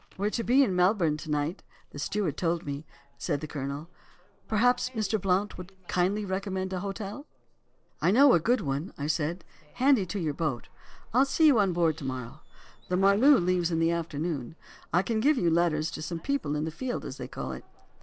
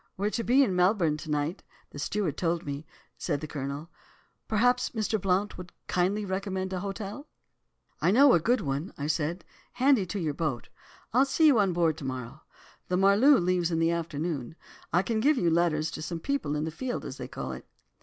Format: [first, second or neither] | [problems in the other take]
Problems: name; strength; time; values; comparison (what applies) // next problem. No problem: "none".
second | noise reduction (neural separator model SepFormer DNS4)